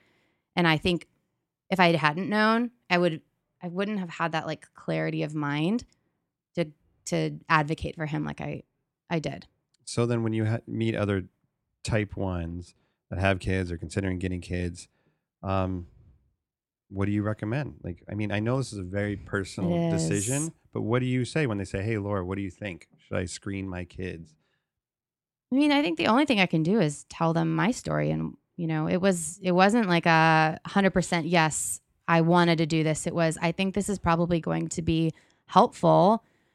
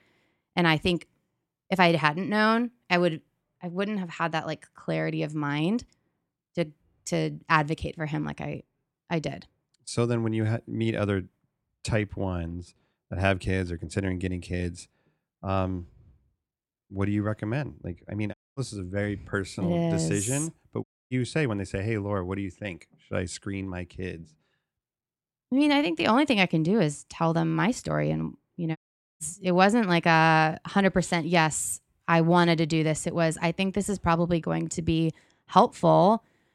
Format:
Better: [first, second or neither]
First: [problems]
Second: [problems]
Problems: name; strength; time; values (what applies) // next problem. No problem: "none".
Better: first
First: none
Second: audio cutting out; at 18 s, at 21 s and at 29 s